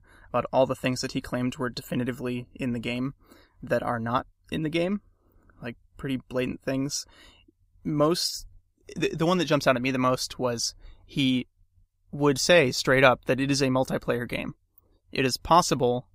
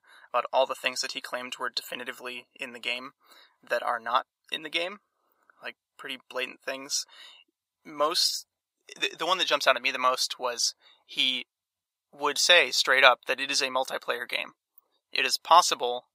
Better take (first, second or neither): first